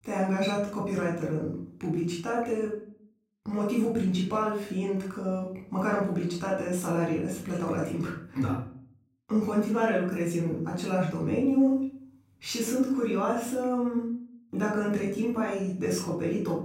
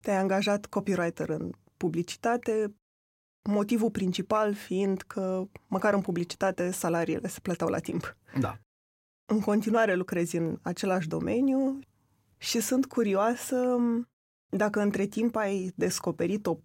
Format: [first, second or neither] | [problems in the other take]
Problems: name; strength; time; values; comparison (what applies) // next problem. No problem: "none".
second | off-mic speech; far // room echo; noticeable; dies away in 0.5 s